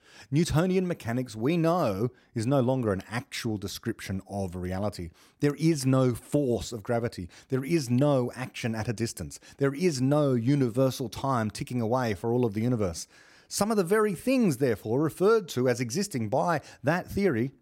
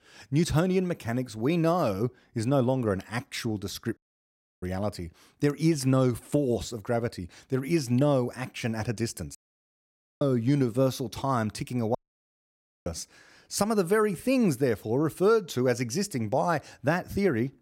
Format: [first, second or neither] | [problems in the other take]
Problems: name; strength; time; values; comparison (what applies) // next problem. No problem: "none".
first | audio cutting out; at 4 s for 0.5 s, at 9.5 s for 1 s and at 12 s for 1 s